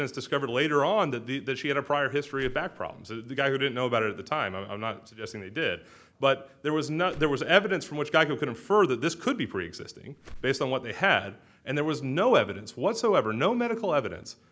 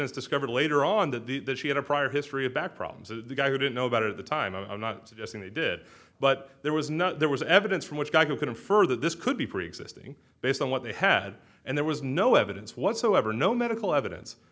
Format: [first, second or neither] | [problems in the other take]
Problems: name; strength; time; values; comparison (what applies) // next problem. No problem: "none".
second | background sound (Whoosh, swoosh, swish); 18 dB below the speech